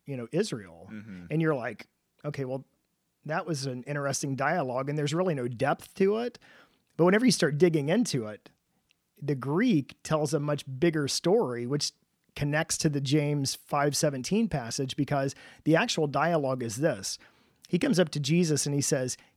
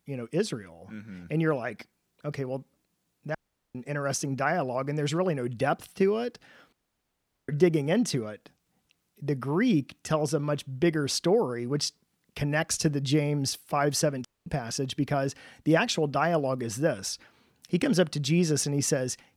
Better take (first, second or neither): first